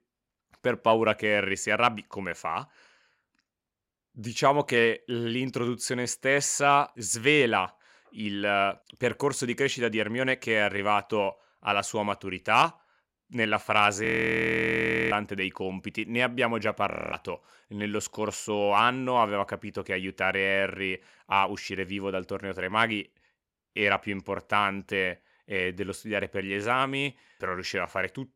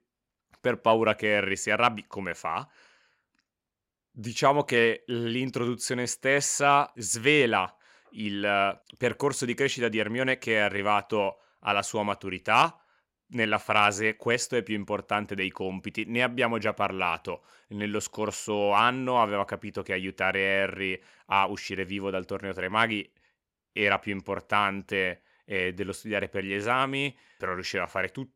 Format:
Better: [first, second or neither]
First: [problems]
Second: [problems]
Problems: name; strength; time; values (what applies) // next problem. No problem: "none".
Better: second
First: audio freezing; at 14 s for 1 s and at 17 s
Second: none